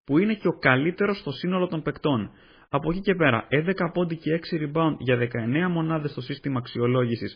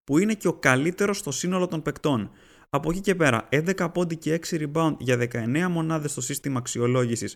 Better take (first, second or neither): second